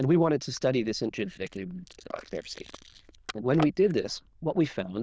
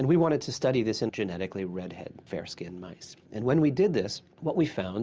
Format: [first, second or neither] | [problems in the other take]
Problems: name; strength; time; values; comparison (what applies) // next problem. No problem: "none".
second | noise reduction (neural diffusion model UNIVERSE++)